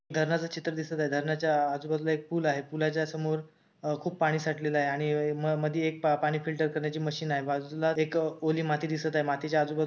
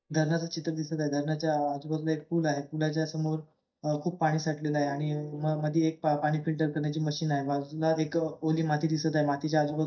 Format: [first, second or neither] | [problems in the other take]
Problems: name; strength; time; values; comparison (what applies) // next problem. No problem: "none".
first | noise reduction (neural mask model DeepFilterNet 3)